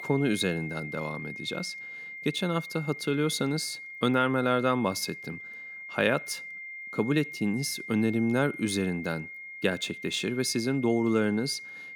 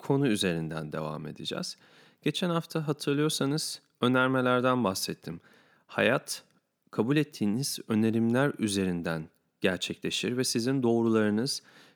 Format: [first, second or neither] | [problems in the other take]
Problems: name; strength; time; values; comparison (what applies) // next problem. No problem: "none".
second | high-pitched whine; noticeable; throughout; 2 kHz, 10 dB below the speech